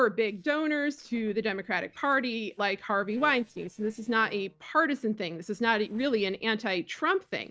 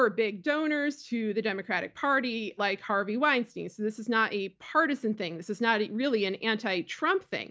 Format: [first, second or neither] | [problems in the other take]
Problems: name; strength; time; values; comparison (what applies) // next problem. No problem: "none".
second | noise reduction (neural separator model SepFormer DNS4)